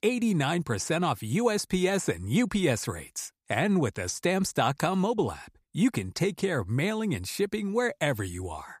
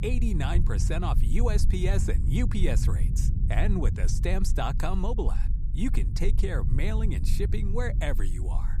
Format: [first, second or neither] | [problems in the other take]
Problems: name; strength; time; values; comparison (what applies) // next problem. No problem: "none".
first | low rumble; loud; throughout; 9 dB below the speech